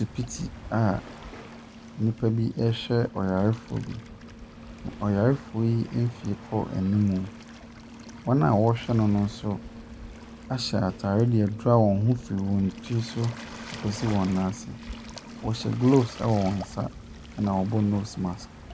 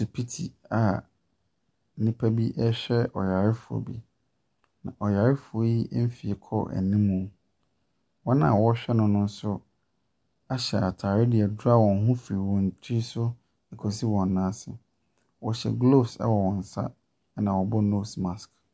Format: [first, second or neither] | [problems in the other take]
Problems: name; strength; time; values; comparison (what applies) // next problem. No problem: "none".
second | background sound (Waves, surf); 15 dB below the speech